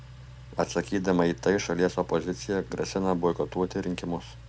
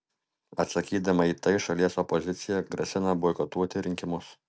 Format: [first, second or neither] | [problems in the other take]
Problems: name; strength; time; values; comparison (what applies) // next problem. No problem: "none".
second | background sound (Engine); 17 dB below the speech